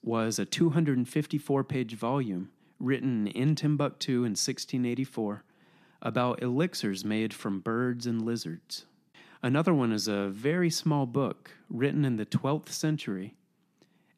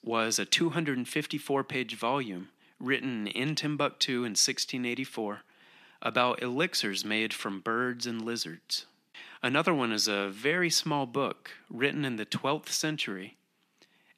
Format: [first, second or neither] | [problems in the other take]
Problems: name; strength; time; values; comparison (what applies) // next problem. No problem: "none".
first | thin; somewhat; fading below 600 Hz